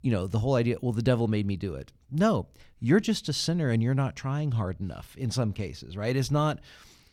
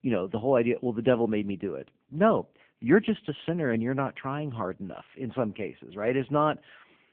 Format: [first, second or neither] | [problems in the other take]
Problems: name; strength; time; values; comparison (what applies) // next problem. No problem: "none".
first | phone-call audio; poor line